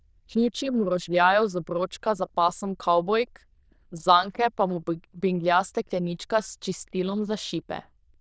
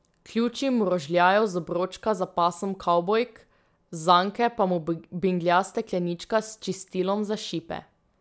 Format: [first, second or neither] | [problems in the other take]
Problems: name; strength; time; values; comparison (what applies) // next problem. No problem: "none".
second | noise reduction (neural diffusion model UNIVERSE++)